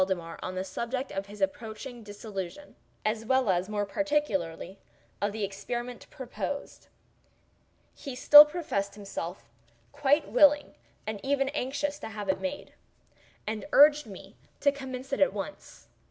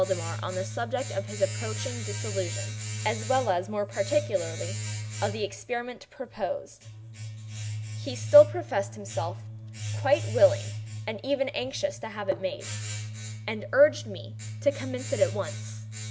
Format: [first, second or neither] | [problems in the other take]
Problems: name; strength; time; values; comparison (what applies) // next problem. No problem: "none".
first | background sound (Domestic sounds, home sounds); 7 dB below the speech